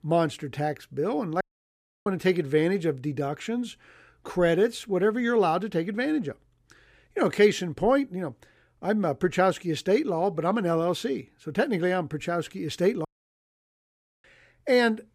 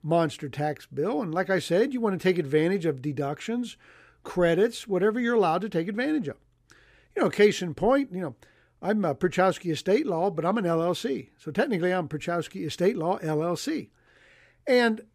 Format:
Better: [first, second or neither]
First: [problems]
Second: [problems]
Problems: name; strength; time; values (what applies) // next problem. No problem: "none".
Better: second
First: audio cutting out; at 1.5 s for 0.5 s and at 13 s for 1 s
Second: none